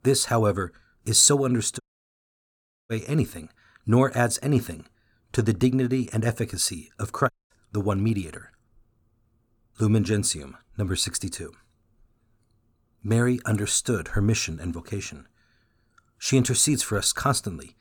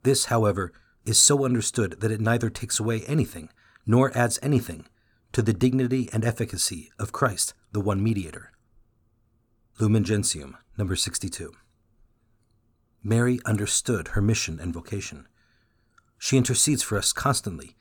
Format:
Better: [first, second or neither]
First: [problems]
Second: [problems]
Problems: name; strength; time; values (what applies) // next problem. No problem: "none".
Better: second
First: audio cutting out; at 2 s for 1 s and at 7.5 s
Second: none